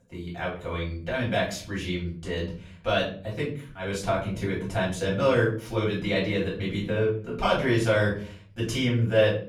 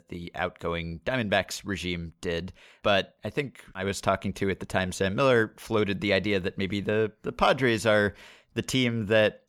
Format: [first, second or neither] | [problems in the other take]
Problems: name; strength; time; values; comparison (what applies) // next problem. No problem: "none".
second | off-mic speech; far // room echo; slight; dies away in 0.5 s